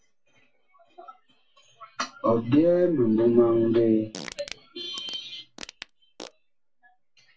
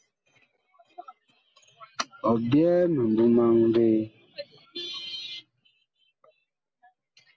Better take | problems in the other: second | background sound (Fart); 17 dB below the speech // room echo; dies away in 0.2 s

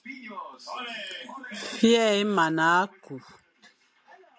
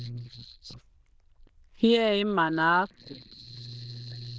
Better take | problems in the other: first | noise reduction (neural diffusion model UNIVERSE++)

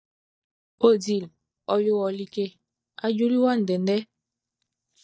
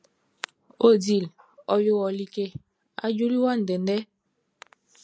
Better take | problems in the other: second | noise reduction (neural mask model DeepFilterNet 3)

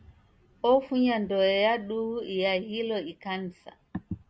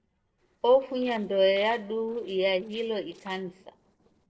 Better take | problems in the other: first | noise reduction (neural separator model SepFormer DNS4)

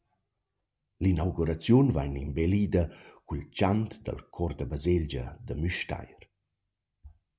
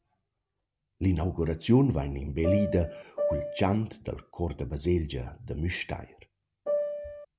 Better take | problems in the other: first | background sound (Piano); 1 dB below the speech

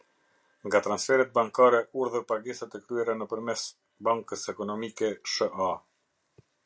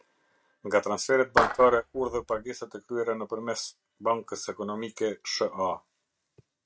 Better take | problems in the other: first | noise reduction (neural mask model RNNoise)

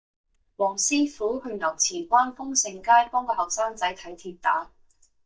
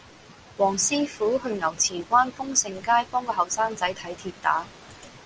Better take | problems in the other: second | noise reduction (neural mask model DeepFilterNet 3)

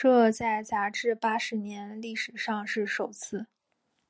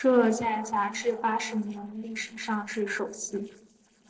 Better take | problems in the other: first | noise reduction (neural separator model SepFormer DNS4)

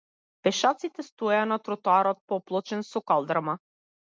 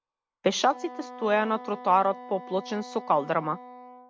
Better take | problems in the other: first | background sound (Wind instrument, woodwind instrument); 16 dB below the speech

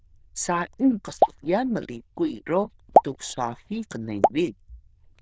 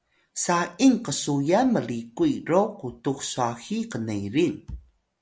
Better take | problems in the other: second | noise reduction (neural diffusion model UNIVERSE++)

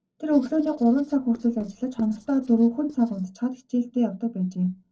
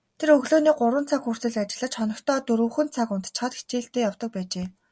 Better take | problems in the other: second | noise reduction (neural separator model SepFormer DNS4)

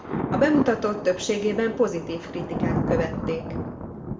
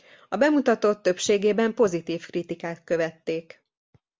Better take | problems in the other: second | background sound (Thunder); 3 dB below the speech // room echo; dies away in 0.6 s

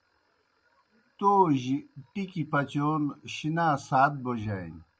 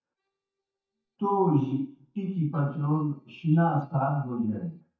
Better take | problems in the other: first | noise reduction (neural mask model DeepFilterNet 3)

